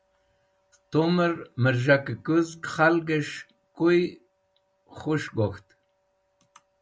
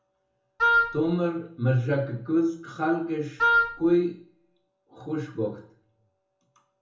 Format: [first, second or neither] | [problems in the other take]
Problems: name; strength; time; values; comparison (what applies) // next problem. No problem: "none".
first | background sound (Wind instrument, woodwind instrument); 5 dB above the speech // room echo; dies away in 0.6 s